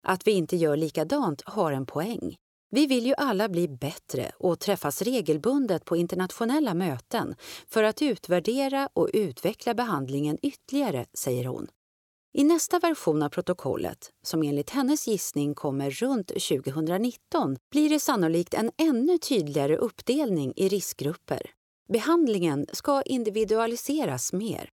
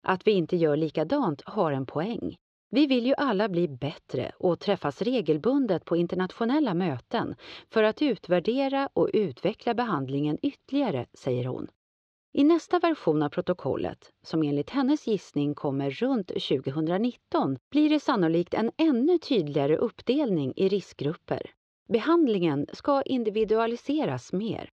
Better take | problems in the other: first | muffled; slightly; fading above 4 kHz

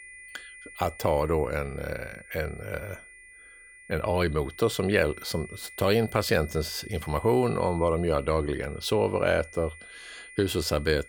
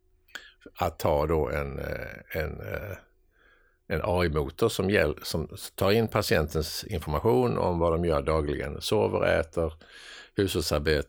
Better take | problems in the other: second | high-pitched whine; noticeable; throughout; 2 kHz, 20 dB below the speech

